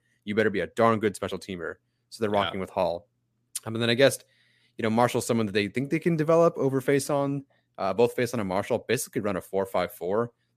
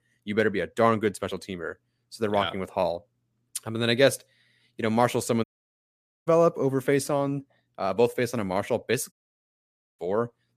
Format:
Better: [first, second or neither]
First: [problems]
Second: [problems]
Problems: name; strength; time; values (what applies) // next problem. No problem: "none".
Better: first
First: none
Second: audio cutting out; at 5.5 s for 1 s and at 9 s for 1 s